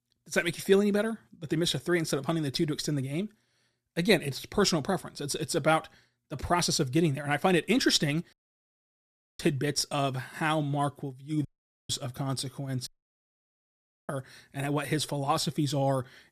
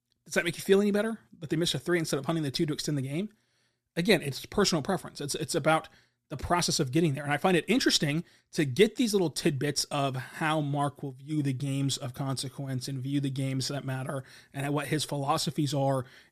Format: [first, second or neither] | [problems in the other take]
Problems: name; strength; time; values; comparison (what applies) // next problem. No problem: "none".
second | audio cutting out; at 8.5 s for 1 s, at 11 s and at 13 s for 1 s